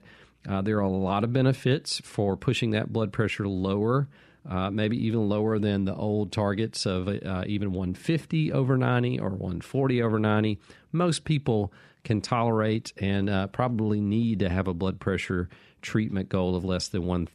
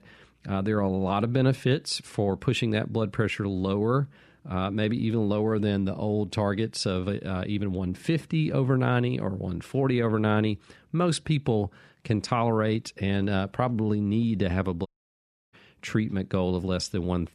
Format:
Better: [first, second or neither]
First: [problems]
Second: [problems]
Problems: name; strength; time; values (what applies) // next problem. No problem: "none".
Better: first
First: none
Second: audio cutting out; at 15 s for 0.5 s